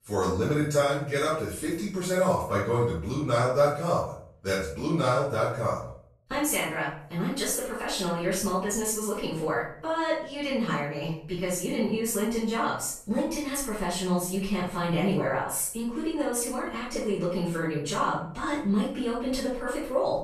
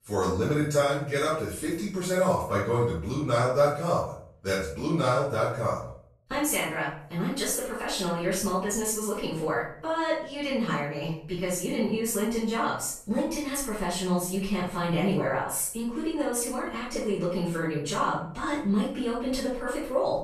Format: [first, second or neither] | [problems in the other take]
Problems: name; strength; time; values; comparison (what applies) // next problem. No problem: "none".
neither | off-mic speech; far; the same in both // room echo; noticeable; dies away in 0.5 s; the same in both